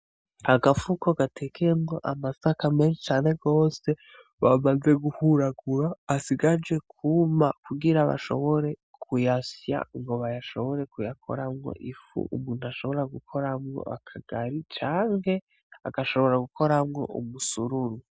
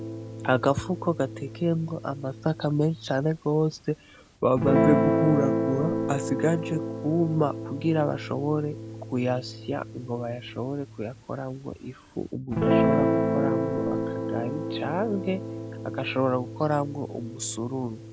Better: first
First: none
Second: background sound (Guitar); 2 dB below the speech

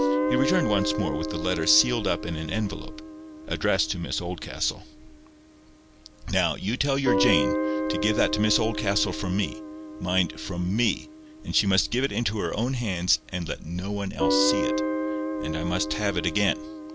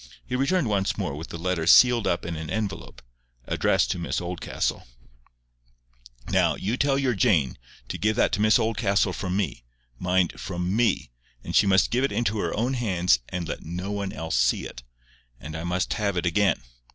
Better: second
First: background sound (Guitar); 3 dB below the speech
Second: none

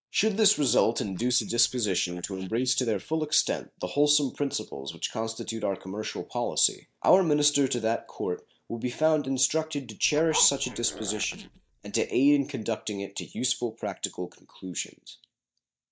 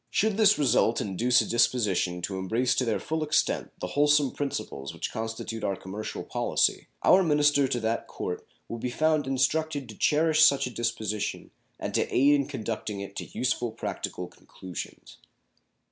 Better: second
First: noise reduction (neural mask model DeepFilterNet 3)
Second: none

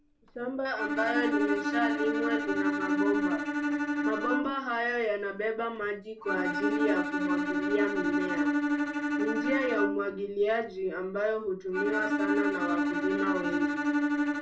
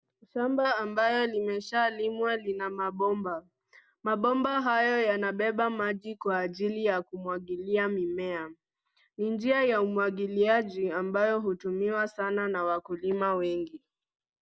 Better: second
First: background sound (Bowed string instrument); 2 dB above the speech // room echo; dies away in 0.2 s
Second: none

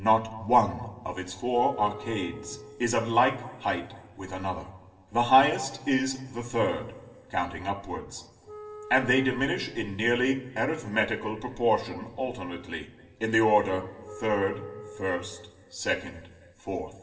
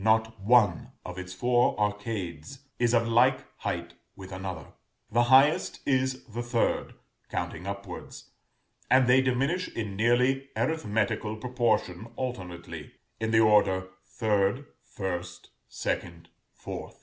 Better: second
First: background sound (Wind instrument, woodwind instrument); 18 dB below the speech // room echo; dies away in 2 s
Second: none

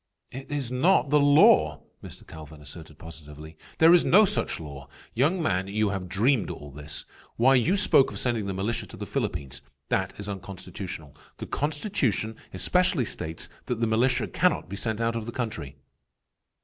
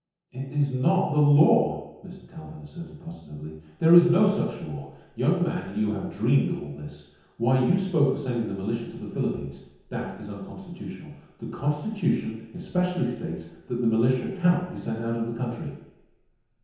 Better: first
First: none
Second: room echo; dies away in 0.9 s

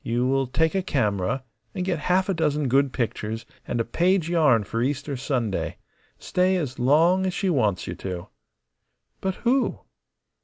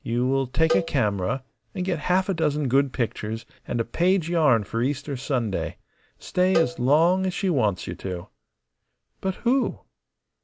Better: first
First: none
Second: background sound (Cowbell); 8 dB below the speech

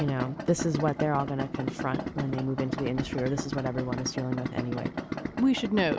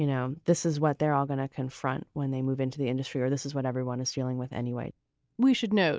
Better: second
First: background sound (Idling); 4 dB below the speech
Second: none

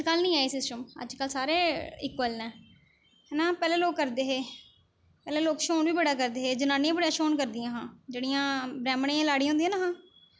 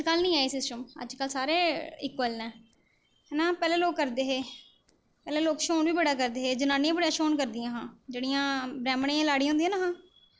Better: first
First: none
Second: noise reduction (neural separator model SepFormer DNS4)

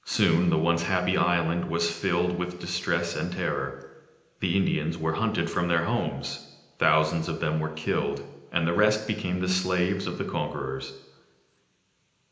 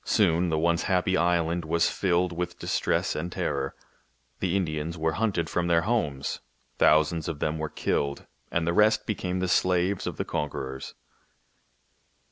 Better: second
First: room echo; dies away in 0.9 s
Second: none

